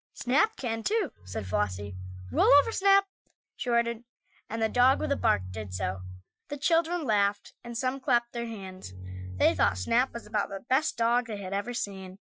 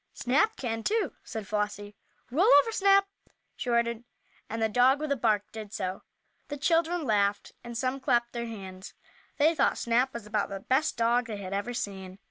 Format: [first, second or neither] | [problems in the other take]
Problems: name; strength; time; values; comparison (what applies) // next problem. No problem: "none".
second | noise reduction (classical method Wiener filter)